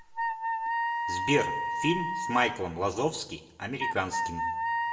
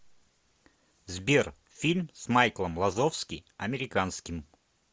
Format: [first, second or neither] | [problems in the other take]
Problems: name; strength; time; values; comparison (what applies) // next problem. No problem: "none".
second | background sound (Wind instrument, woodwind instrument); as loud as the speech // room echo; dies away in 0.6 s